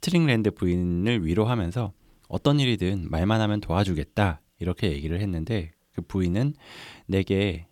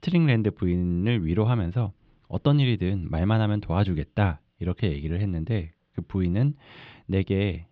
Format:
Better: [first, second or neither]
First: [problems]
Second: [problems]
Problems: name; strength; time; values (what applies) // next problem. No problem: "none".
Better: first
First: none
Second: muffled; slightly; fading above 3.5 kHz